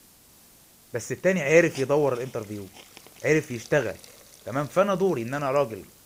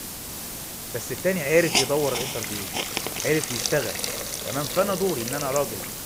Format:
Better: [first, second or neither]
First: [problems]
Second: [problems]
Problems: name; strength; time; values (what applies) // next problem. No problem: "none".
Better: first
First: hiss; faint; throughout; 20 dB below the speech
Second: hiss; loud; throughout; 2 dB below the speech